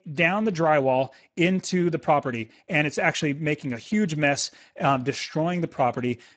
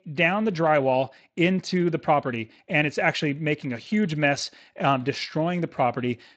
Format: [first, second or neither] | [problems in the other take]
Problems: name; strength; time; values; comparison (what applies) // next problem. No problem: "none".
second | garbled, watery; badly; nothing above 7.5 kHz; slightly in the second